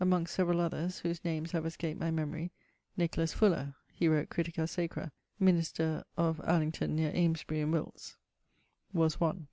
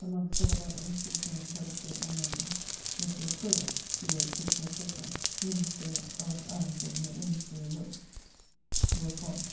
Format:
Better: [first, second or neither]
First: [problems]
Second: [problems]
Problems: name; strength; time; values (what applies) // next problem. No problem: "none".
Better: first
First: none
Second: background sound (Rain); 3 dB above the speech // room echo; dies away in 0.9 s